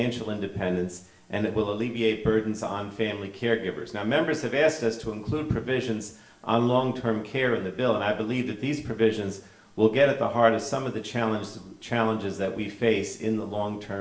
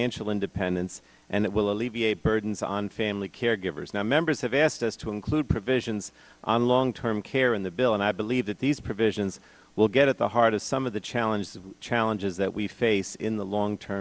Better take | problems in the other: second | room echo; dies away in 0.6 s

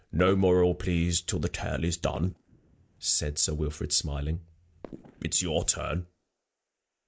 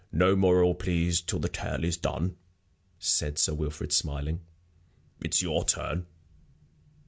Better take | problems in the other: second | noise reduction (neural mask model Resemble Enhance denoiser)

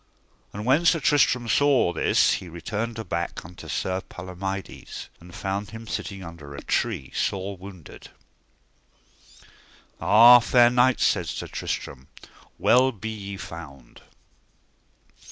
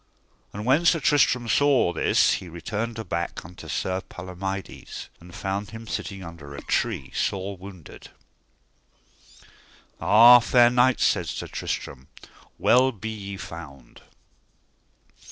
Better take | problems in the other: first | noise reduction (neural separator model SepFormer DNS4)

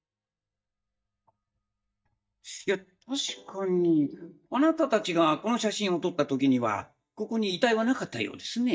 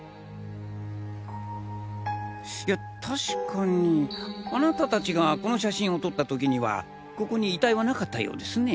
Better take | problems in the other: second | noise reduction (neural mask model DeepFilterNet 3)

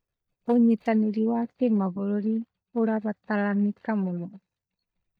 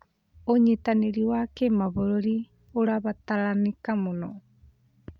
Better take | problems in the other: second | noise reduction (neural mask model DeepFilterNet 3)

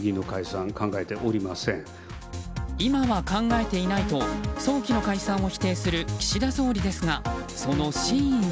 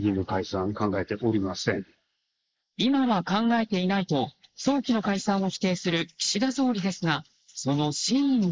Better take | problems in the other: first | noise reduction (neural mask model Resemble Enhance denoiser)

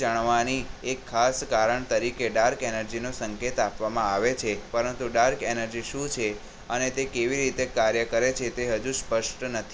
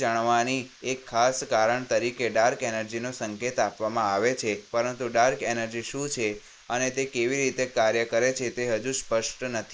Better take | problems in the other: first | noise reduction (neural mask model Resemble Enhance denoiser)

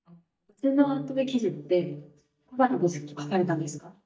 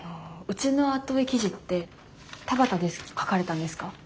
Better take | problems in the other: second | noise reduction (neural mask model DeepFilterNet 3)

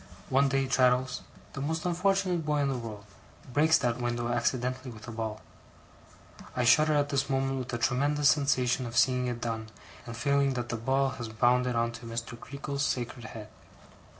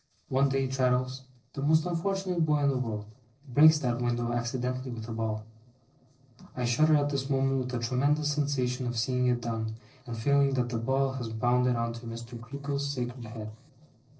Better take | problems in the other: first | noise reduction (neural separator model SepFormer DNS4)

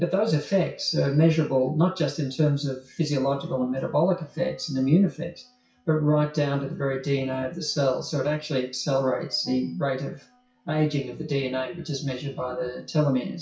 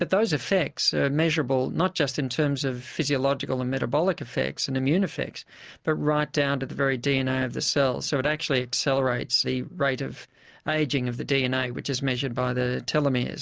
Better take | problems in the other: second | noise reduction (classical method WPE with log-MMSE)

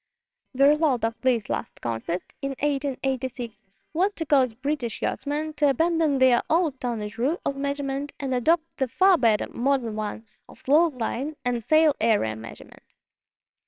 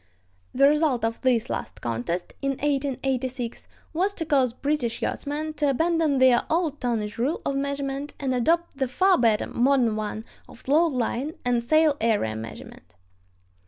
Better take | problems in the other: second | noise reduction (neural separator model SepFormer WHAMR!)

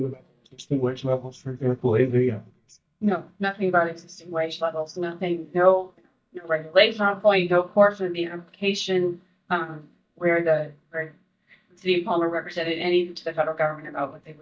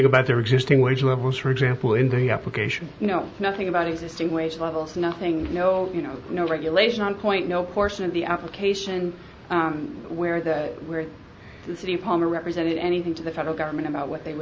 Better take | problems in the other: second | noise reduction (neural mask model DeepFilterNet 3)

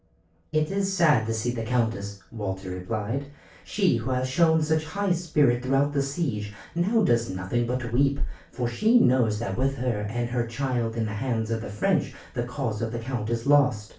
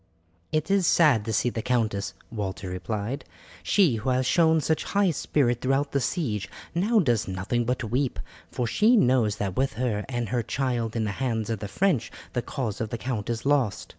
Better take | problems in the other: second | room echo; dies away in 0.3 s

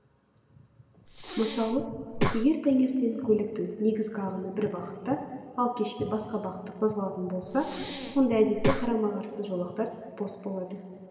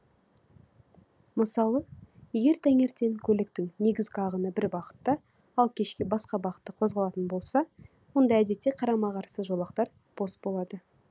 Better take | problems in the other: second | background sound (Breathing); 3 dB below the speech // room echo; dies away in 2.6 s

